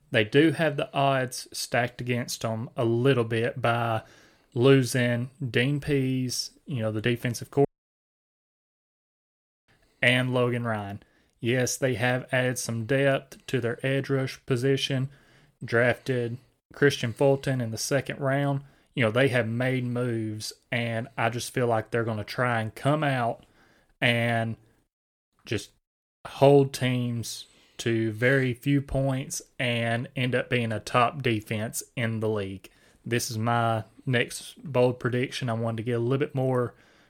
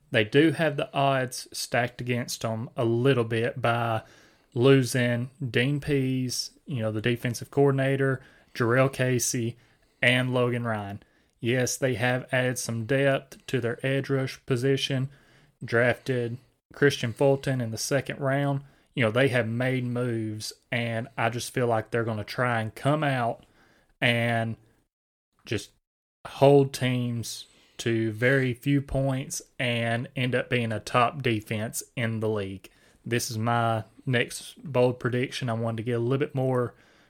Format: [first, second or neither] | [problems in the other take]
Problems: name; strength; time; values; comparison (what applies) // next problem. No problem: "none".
second | audio cutting out; at 7.5 s for 2 s